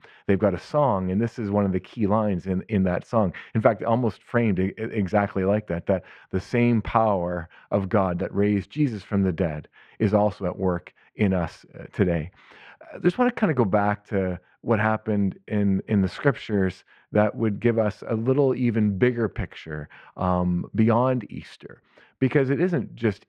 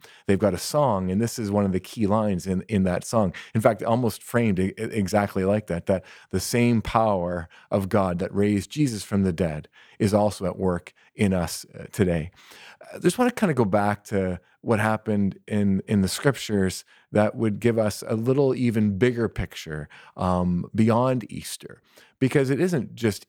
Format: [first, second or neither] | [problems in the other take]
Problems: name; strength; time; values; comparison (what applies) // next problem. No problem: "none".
second | muffled; very; fading above 2 kHz